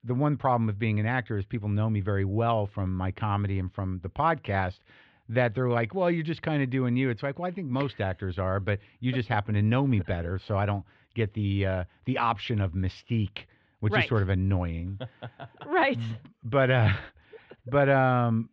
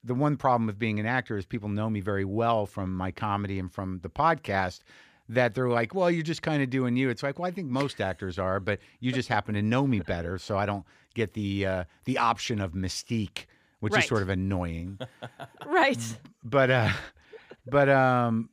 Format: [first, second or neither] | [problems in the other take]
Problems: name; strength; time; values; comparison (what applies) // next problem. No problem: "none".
second | muffled; slightly; fading above 3.5 kHz